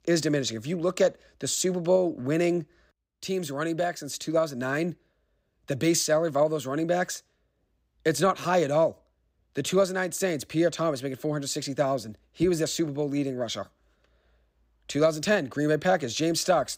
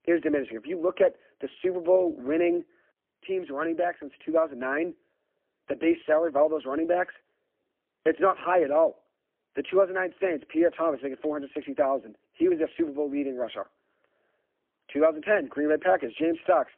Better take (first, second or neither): first